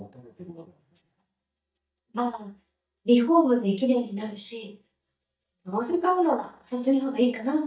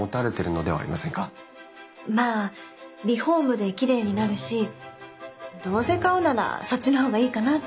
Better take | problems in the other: second | noise reduction (neural mask model DeepFilterNet 3)

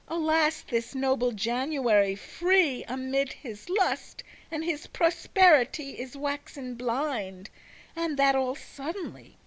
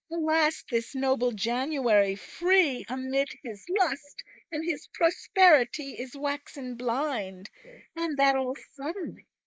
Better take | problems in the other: first | noise reduction (neural mask model Resemble Enhance denoiser)

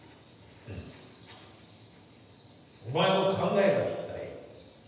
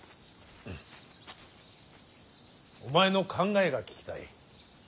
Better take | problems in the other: second | room echo; dies away in 1.1 s

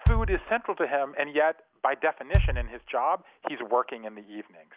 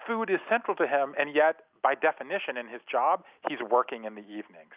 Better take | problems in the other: second | background sound (Bass drum); 1 dB below the speech

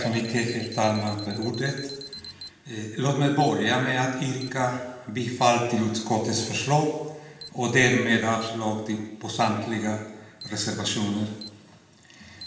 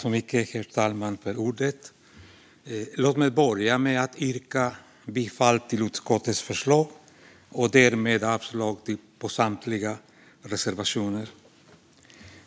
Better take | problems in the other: second | background sound (Alarm); 20 dB below the speech // room echo; dies away in 1.1 s

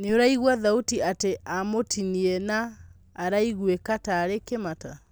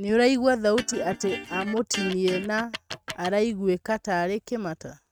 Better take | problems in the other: first | noise reduction (neural mask model RNNoise)

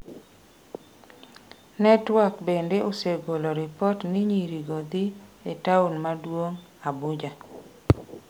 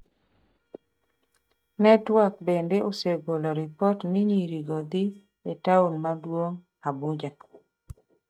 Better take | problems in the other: first | noise reduction (neural mask model DeepFilterNet 3)

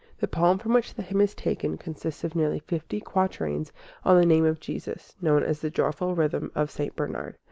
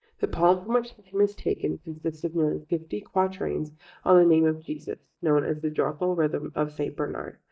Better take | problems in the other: first | noise reduction (neural mask model DeepFilterNet 3)

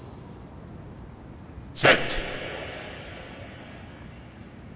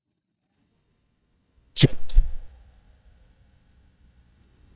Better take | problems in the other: first | noise reduction (neural mask model DeepFilterNet 3)

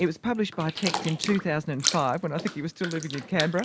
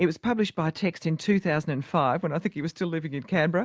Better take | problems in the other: second | background sound (Bathtub (filling or washing)); 7 dB below the speech

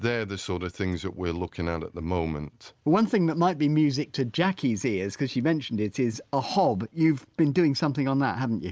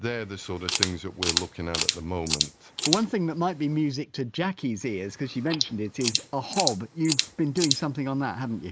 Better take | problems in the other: first | noise reduction (neural mask model Resemble Enhance denoiser)

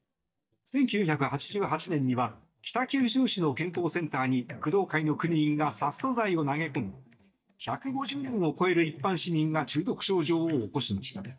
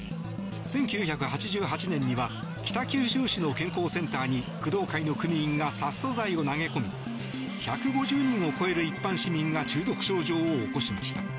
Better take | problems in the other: second | noise reduction (neural mask model DeepFilterNet 3)

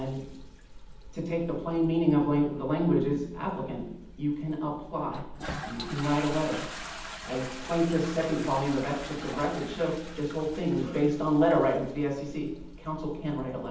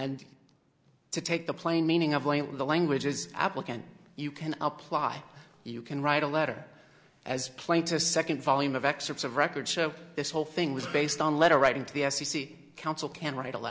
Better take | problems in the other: second | background sound (Toilet flush); 13 dB below the speech // room echo; dies away in 0.8 s

